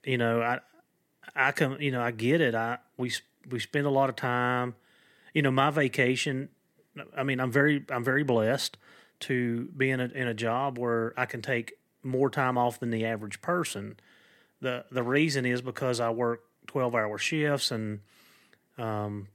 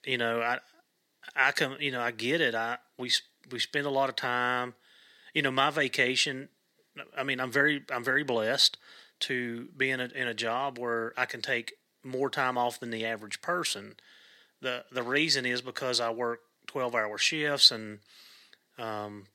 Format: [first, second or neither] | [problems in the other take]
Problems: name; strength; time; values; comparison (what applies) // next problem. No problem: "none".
first | thin; very slightly; fading below 850 Hz